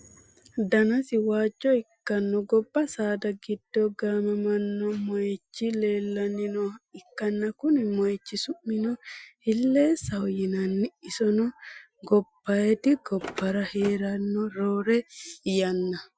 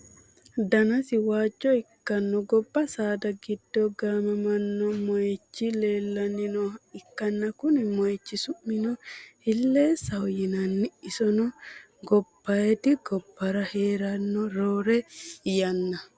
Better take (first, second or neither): second